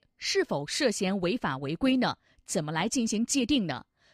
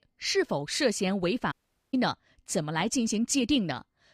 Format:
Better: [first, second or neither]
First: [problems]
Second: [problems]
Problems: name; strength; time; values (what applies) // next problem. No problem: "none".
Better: first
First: none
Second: audio cutting out; at 1.5 s